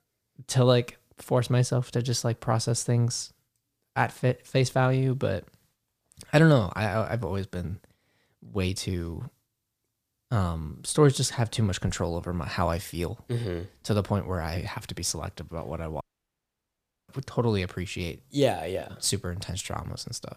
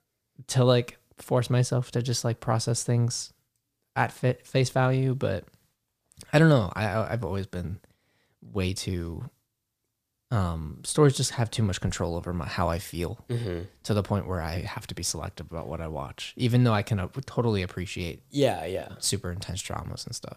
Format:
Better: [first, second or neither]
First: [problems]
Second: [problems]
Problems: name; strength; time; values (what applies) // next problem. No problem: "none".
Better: second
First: audio cutting out; at 16 s for 1 s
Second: none